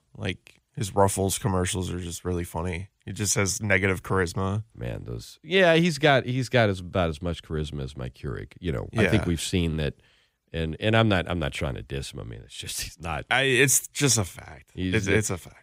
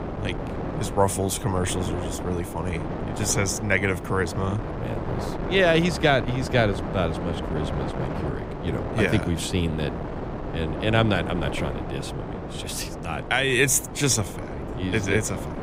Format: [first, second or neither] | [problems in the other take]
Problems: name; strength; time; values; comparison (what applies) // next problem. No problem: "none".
first | wind noise on the microphone; heavy; 9 dB below the speech